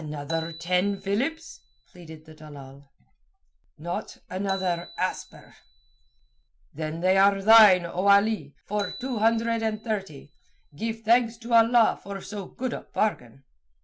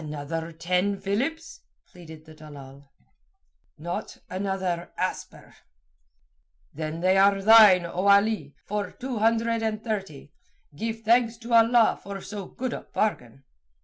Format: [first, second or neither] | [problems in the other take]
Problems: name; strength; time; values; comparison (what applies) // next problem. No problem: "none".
second | background sound (Marimba, xylophone); 17 dB below the speech